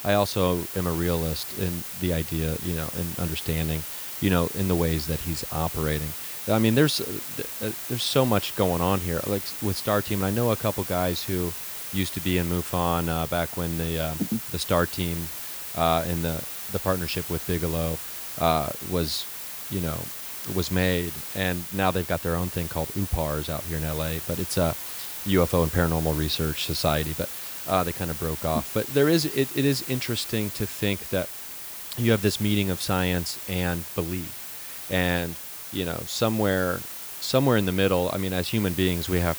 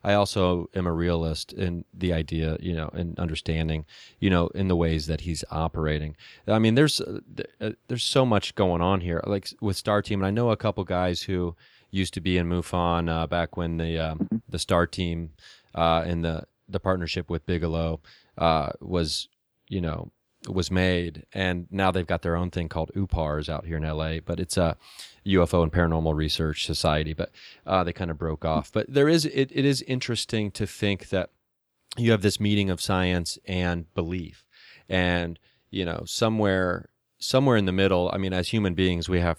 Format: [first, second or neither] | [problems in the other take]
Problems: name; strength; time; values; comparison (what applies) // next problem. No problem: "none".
second | hiss; loud; throughout; 6 dB below the speech